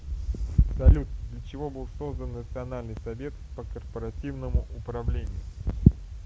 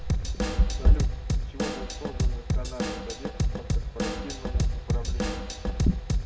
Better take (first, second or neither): first